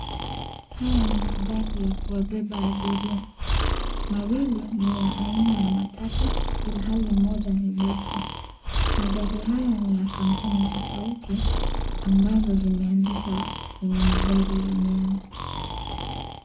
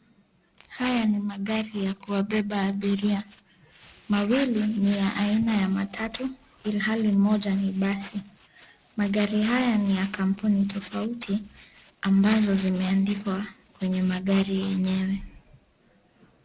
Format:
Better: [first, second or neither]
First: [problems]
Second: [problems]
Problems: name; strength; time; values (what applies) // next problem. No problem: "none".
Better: second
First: background sound (Breathing); 3 dB below the speech // room echo; dies away in 0.4 s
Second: none